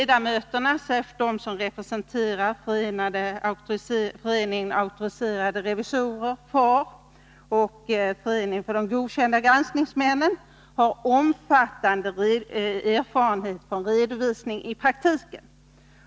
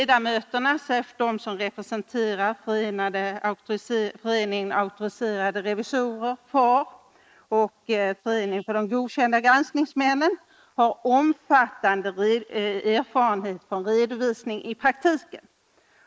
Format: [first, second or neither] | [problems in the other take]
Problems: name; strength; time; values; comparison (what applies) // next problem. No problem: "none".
first | noise reduction (neural mask model Resemble Enhance denoiser)